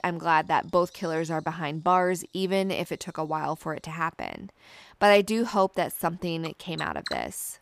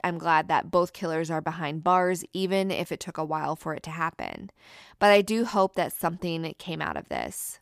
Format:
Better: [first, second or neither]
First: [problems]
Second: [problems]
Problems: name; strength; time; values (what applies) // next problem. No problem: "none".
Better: second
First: animal sounds; noticeable; throughout; 15 dB below the speech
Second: none